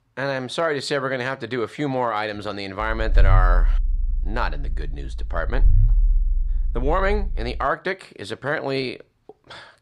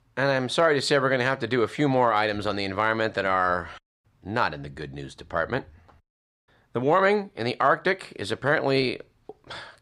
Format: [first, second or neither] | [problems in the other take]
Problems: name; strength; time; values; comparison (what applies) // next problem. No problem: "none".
second | low rumble; faint; from 3 to 7.5 s; 20 dB below the speech